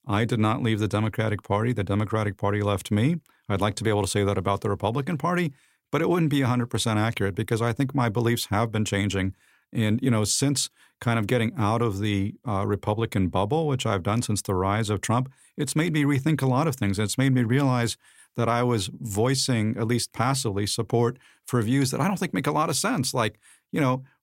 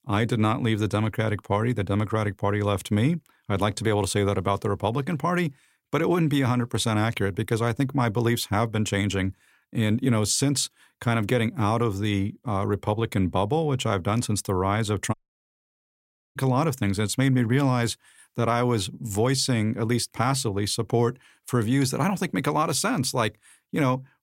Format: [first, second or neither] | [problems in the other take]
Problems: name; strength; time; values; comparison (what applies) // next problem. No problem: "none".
first | audio cutting out; at 15 s for 1 s